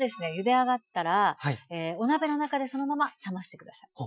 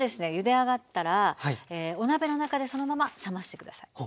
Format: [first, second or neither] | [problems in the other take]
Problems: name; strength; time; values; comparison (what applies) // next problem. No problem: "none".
second | noise reduction (classical method Wiener filter)